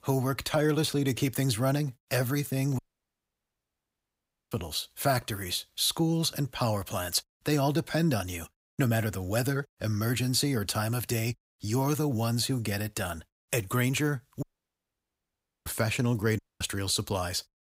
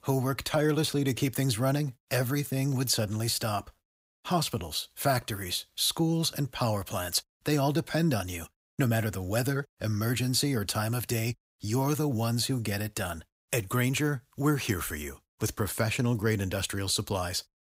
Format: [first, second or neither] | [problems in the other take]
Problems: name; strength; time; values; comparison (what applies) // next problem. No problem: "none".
second | audio cutting out; at 3 s for 1.5 s, at 14 s for 1 s and at 16 s